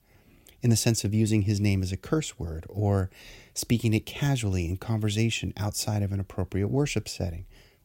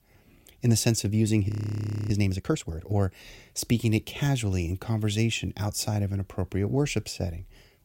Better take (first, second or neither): first